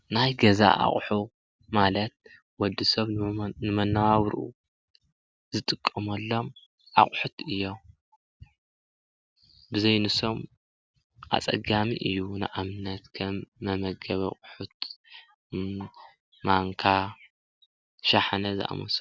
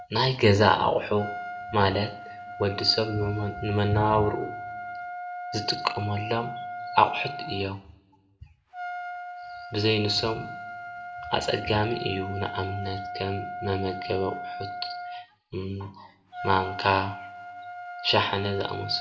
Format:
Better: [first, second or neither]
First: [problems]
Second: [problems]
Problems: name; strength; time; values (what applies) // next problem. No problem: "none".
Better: first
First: none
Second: background sound (Trumpet); 10 dB below the speech // room echo; dies away in 0.4 s